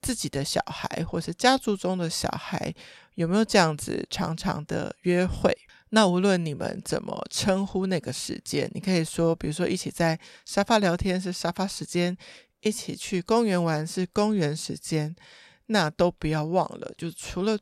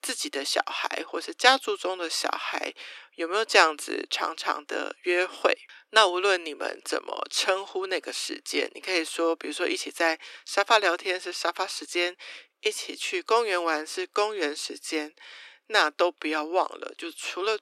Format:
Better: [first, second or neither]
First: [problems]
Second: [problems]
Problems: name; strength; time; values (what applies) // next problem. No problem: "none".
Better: first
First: none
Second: thin; very; fading below 300 Hz